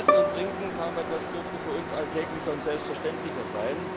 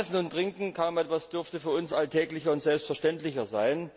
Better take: second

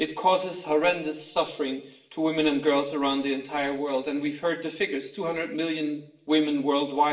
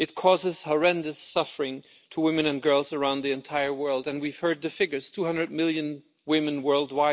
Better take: second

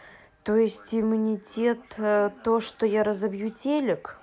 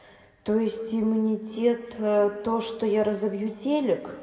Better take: first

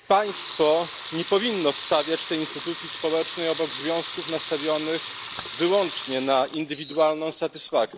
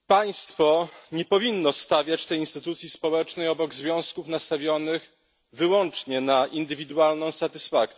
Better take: second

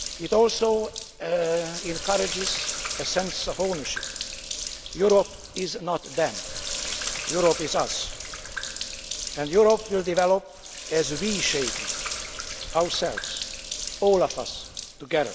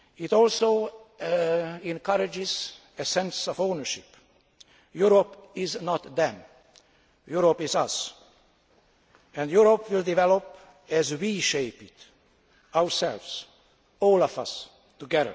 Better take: second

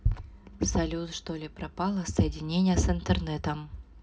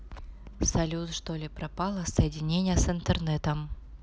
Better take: second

